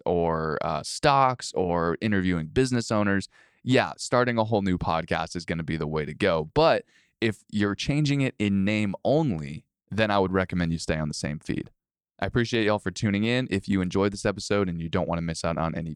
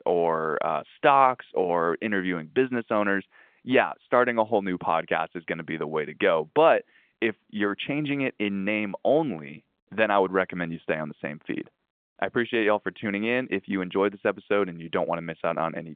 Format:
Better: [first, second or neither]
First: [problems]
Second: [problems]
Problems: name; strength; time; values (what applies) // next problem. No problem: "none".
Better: first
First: none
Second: phone-call audio